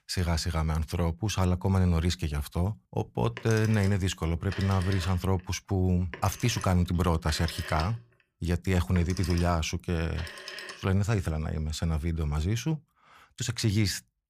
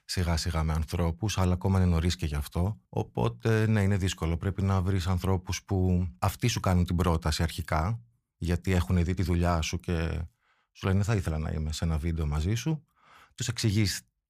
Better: second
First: phone ringing; noticeable; from 3.5 to 11 s; peak 9 dB below the speech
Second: none

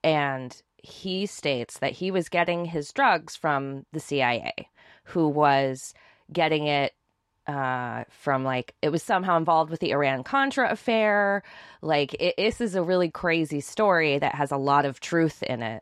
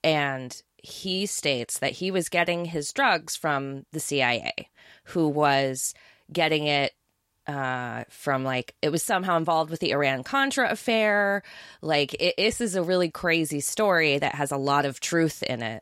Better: second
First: muffled; slightly; fading above 2.5 kHz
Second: none

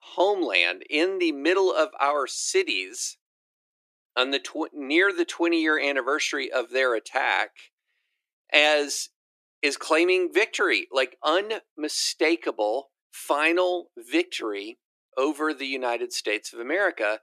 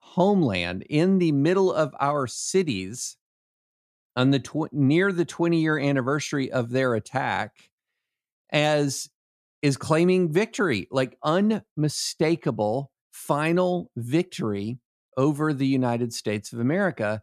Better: second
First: thin; very; fading below 300 Hz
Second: none

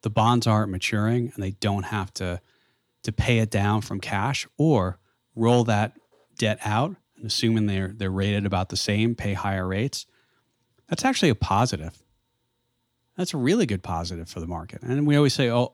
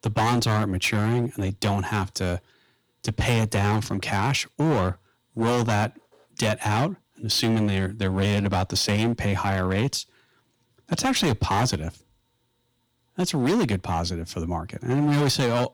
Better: first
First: none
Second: distortion; heavy; 12% of the sound clipped

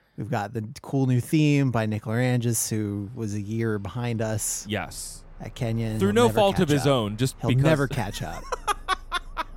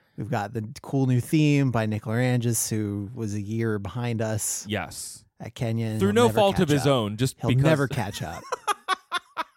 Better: second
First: train or aircraft noise; faint; throughout; 25 dB below the speech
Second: none

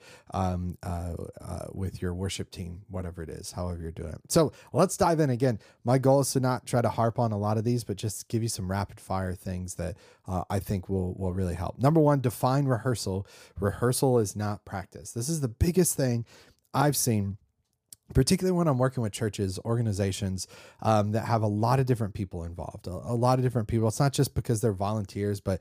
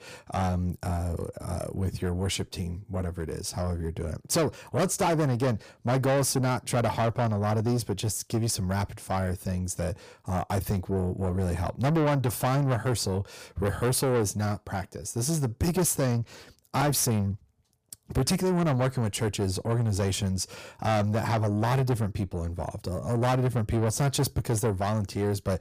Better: first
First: none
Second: distortion; heavy; 7 dB below the speech

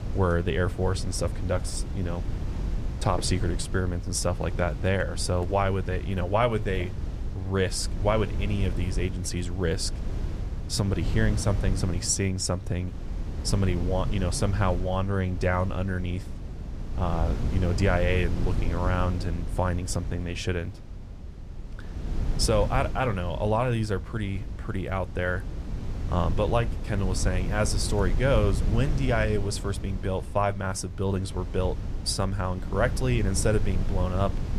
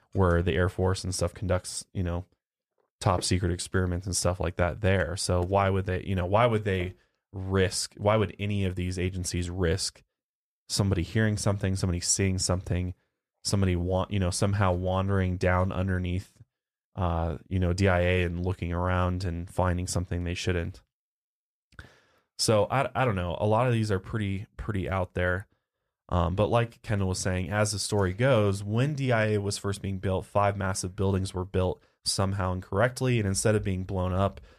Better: second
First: wind noise on the microphone; occasional gusts; 15 dB below the speech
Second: none

